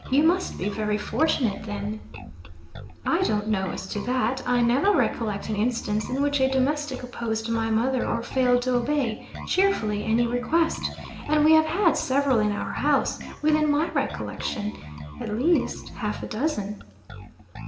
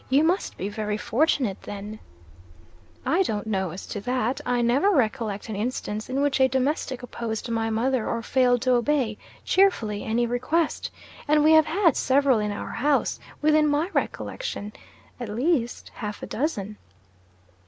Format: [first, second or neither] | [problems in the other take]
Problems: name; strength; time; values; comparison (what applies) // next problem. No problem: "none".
second | background sound (Bass guitar); 13 dB below the speech // room echo; dies away in 0.8 s